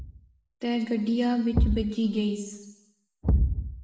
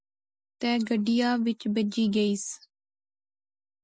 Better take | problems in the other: second | background sound (Thump, thud); as loud as the speech // room echo; dies away in 1 s

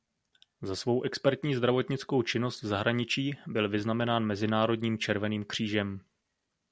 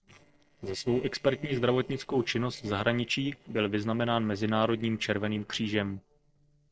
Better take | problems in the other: first | noise reduction (neural separator model SepFormer DNS4)

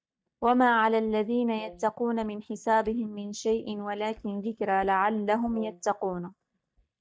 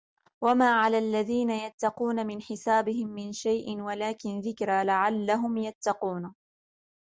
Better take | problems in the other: second | noise reduction (neural mask model DeepFilterNet 3)

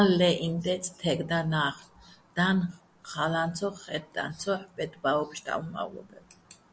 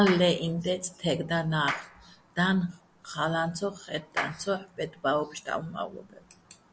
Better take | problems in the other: first | background sound (Clapping); 12 dB below the speech

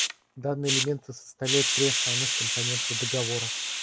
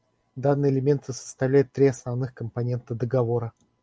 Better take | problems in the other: second | background sound (Hiss); 3 dB above the speech

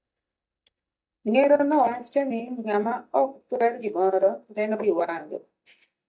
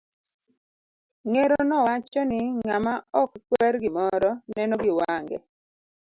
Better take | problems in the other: second | noise reduction (neural mask model DeepFilterNet 3)

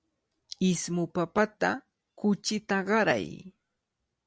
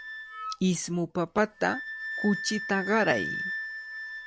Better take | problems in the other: first | background sound (Wind instrument, woodwind instrument); 7 dB below the speech

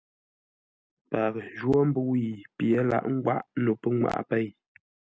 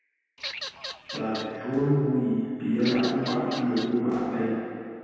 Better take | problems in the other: first | background sound (Bird vocalization, bird call, bird song / Fowl); 11 dB below the speech // room echo; dies away in 2.1 s

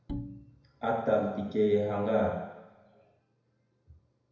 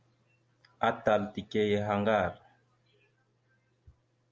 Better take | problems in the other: second | background sound (Bowed string instrument); 11 dB below the speech // room echo; dies away in 1 s

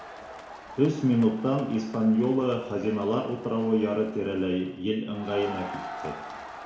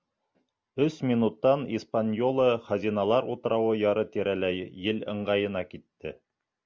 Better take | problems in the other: second | background sound (Crowd); 15 dB below the speech // room echo; dies away in 0.7 s

